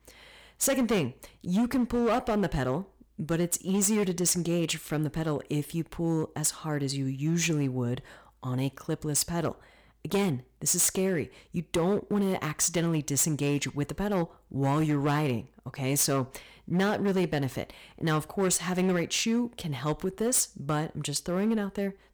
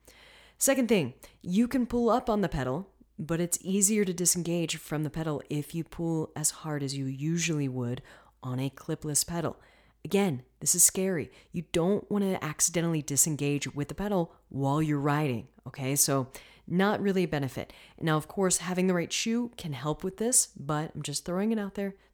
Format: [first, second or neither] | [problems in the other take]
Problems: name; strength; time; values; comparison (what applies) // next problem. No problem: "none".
second | distortion; slight; 8% of the sound clipped